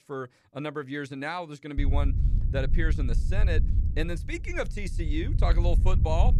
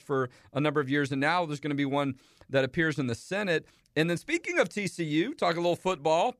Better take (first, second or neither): second